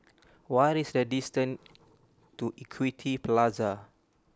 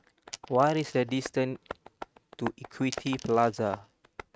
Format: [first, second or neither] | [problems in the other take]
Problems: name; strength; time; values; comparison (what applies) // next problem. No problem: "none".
first | noise reduction (neural mask model RNNoise)